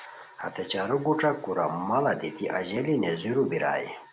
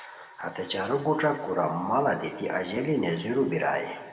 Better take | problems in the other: first | room echo; dies away in 1.7 s

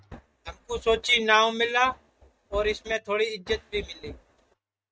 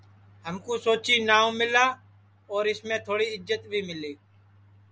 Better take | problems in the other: second | noise reduction (neural mask model RNNoise)

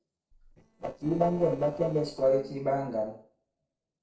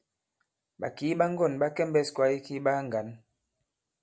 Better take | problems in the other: second | noise reduction (neural separator model SepFormer DNS4)

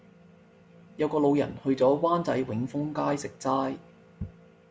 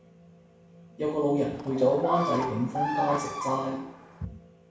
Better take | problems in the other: first | background sound (Bird vocalization, bird call, bird song); 3 dB below the speech // room echo; dies away in 0.7 s

